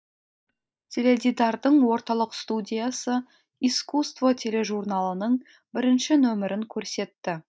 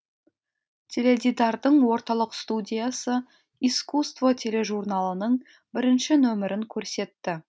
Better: second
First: noise reduction (neural mask model DeepFilterNet 3)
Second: none

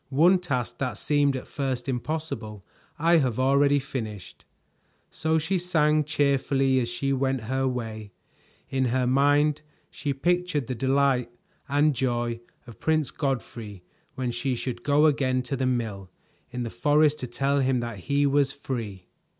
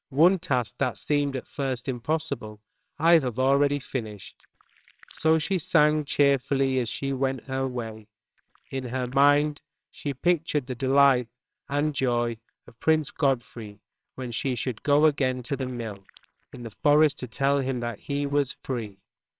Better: first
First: none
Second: noise reduction (neural separator model SepFormer WHAMR!)

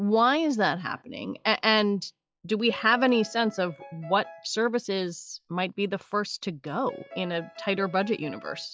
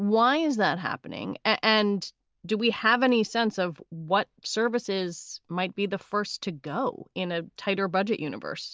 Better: second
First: noise reduction (classical method log-MMSE)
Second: none

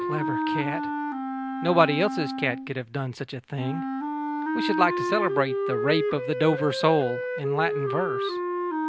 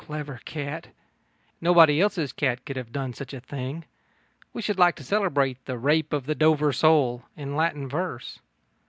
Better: second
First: background sound (Wind instrument, woodwind instrument); 2 dB below the speech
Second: none

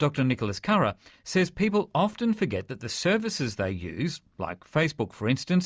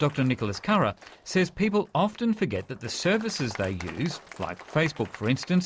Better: first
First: none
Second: background sound (Applause); 19 dB below the speech

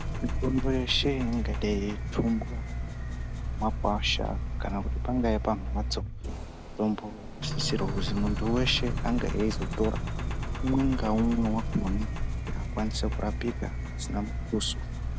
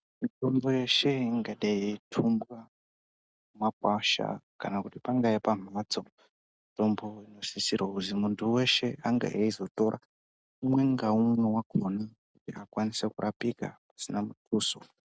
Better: second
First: background sound (Engine); as loud as the speech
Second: none

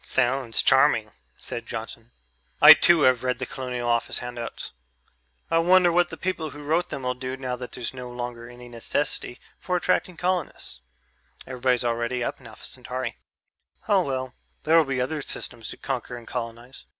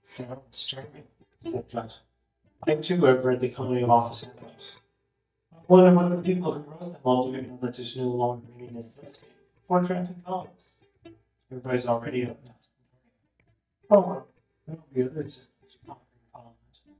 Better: first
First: none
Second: noise reduction (neural mask model DeepFilterNet 3)

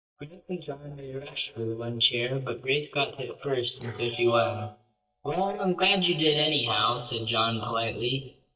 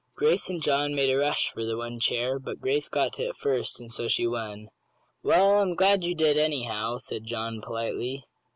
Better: second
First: noise reduction (neural mask model DeepFilterNet 3)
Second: none

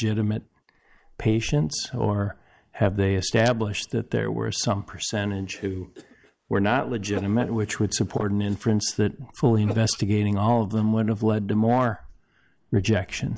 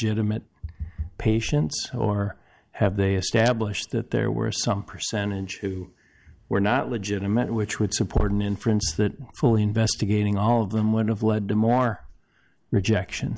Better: second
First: noise reduction (neural mask model Resemble Enhance denoiser)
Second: none

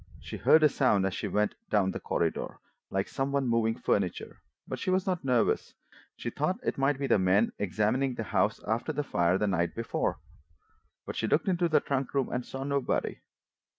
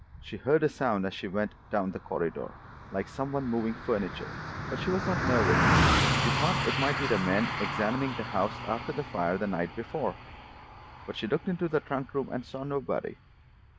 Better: first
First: none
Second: background sound (Car passing by); 1 dB below the speech

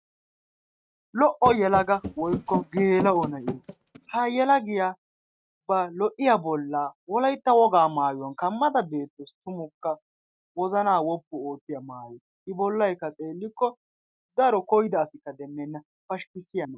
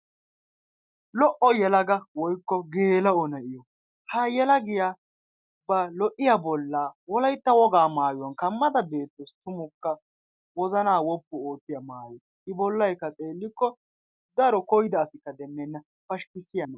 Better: second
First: noise reduction (neural mask model RNNoise)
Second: none

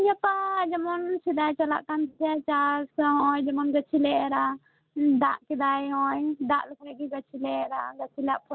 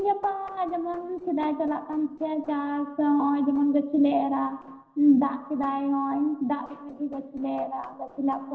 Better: first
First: none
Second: noise reduction (neural separator model SepFormer DNS4)

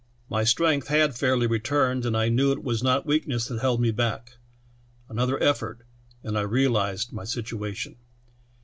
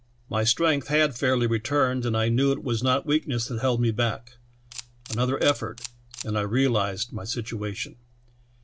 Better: first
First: none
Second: background sound (Camera); 16 dB below the speech

